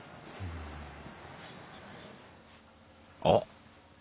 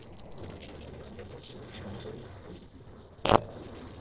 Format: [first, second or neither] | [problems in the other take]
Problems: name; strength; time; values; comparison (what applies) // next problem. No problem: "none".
first | noise reduction (neural separator model SepFormer DNS4)